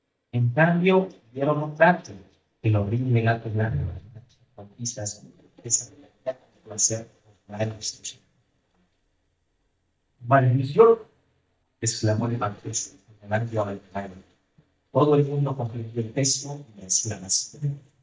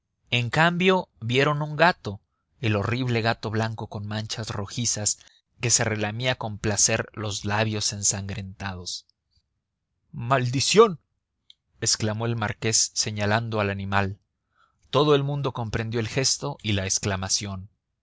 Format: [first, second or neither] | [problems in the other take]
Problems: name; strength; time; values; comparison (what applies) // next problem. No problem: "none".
second | noise reduction (neural mask model DeepFilterNet 3)